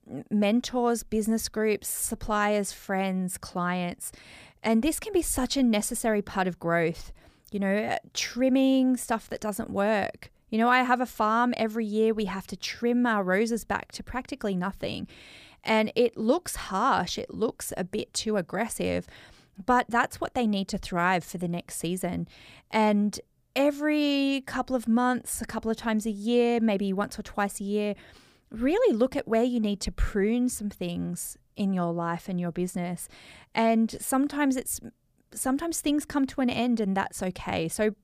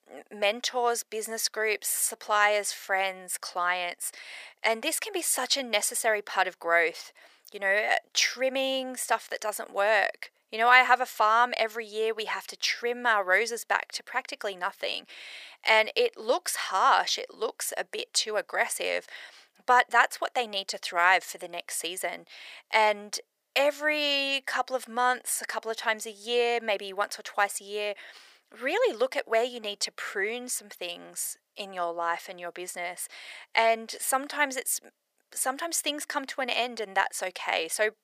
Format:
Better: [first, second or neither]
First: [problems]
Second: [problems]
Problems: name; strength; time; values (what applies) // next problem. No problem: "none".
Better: first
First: none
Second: thin; very; fading below 550 Hz